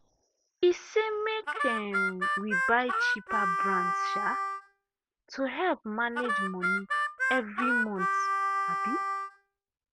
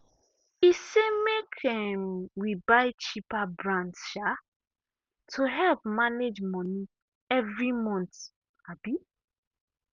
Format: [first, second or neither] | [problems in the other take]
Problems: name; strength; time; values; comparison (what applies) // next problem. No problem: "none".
second | background sound (Harmonica); 3 dB above the speech